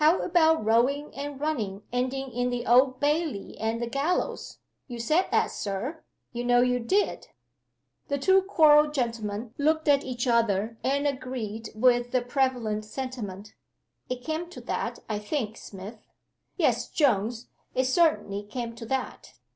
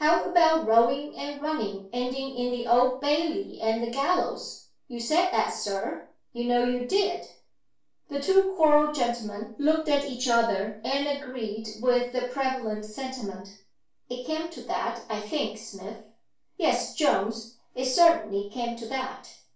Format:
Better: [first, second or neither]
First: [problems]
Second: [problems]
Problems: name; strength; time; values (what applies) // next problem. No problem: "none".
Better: first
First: none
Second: room echo; dies away in 0.3 s